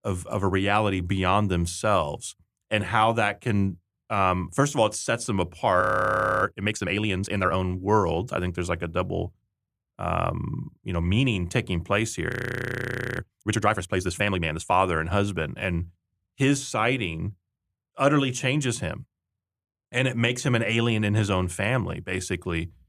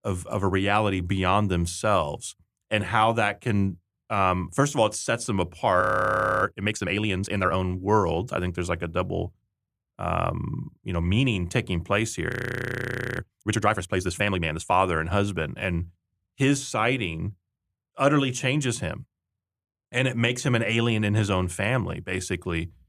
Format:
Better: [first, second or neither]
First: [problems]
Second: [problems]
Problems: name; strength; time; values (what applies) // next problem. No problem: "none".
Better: neither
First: audio freezing; at 6 s for 0.5 s and at 12 s for 1 s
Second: audio freezing; at 6 s for 0.5 s and at 12 s for 1 s